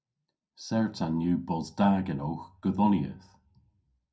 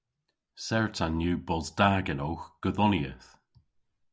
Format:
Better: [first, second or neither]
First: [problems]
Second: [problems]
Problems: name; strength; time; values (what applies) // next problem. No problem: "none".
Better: second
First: room echo; dies away in 0.2 s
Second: none